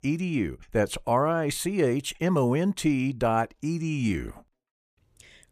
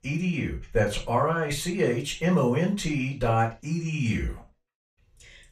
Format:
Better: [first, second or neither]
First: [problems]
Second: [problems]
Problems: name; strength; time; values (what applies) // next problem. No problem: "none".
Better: first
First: none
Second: room echo; slight; dies away in 0.3 s // off-mic speech; far